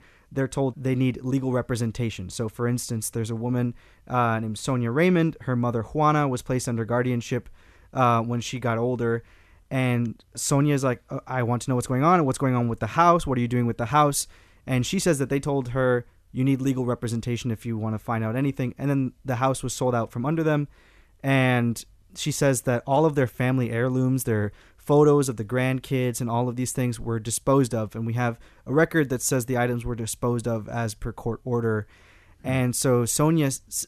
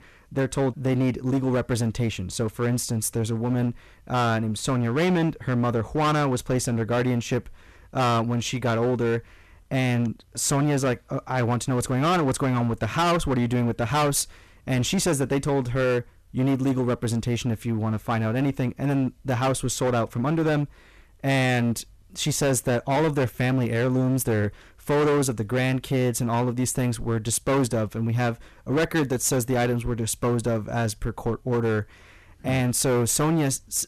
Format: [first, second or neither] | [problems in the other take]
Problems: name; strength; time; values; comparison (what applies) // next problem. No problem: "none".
first | distortion; heavy; 15% of the sound clipped